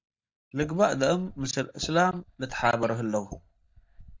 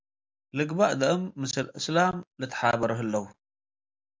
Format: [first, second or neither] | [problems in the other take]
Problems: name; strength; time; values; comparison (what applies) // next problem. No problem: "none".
second | noise reduction (neural mask model DeepFilterNet 3)